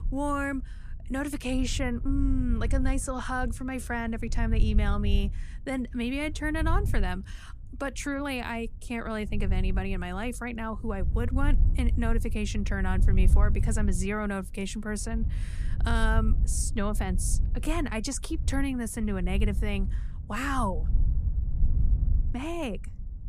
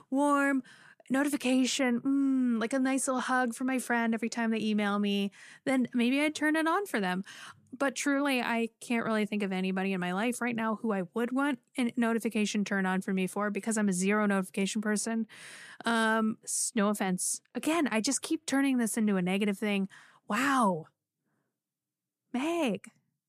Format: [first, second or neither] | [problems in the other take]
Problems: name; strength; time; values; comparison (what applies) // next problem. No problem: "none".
second | wind noise on the microphone; occasional gusts; 15 dB below the speech